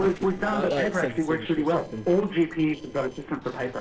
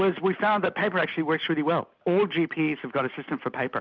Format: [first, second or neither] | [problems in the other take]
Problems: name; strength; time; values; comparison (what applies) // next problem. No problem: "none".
second | noise reduction (neural separator model SepFormer DNS4)